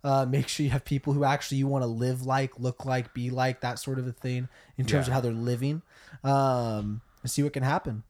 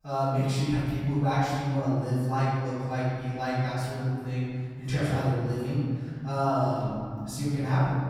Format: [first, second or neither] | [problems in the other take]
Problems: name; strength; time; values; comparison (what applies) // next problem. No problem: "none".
first | off-mic speech; far // room echo; strong; dies away in 2.1 s